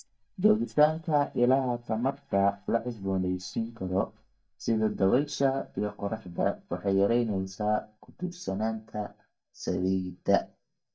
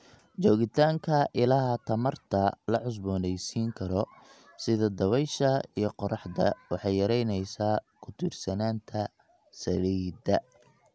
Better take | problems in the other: second | noise reduction (neural mask model DeepFilterNet 3)

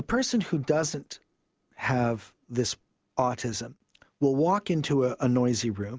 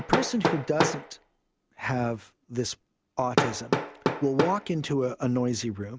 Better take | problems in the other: first | background sound (Hammer); 1 dB below the speech

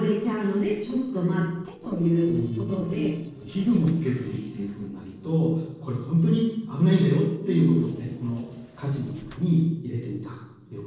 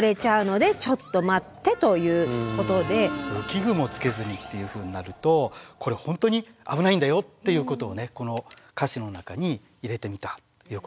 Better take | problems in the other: second | noise reduction (neural separator model SepFormer DNS4)

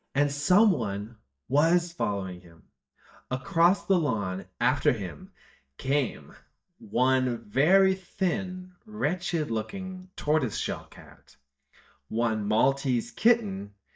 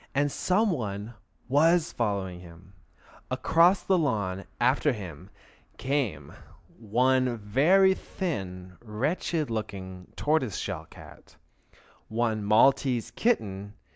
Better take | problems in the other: second | noise reduction (neural mask model DeepFilterNet 3)

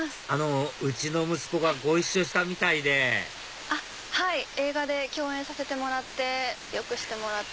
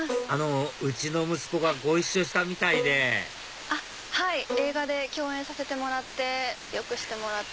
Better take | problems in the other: first | background sound (Bowed string instrument); 9 dB below the speech

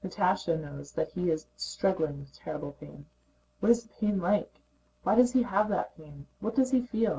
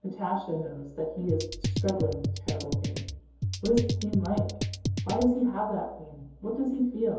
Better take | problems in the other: first | background sound (Drum kit); 1 dB below the speech // room echo; dies away in 0.8 s

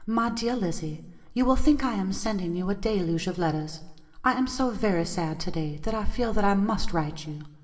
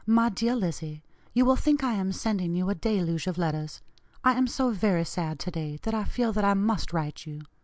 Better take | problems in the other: second | room echo; dies away in 0.9 s

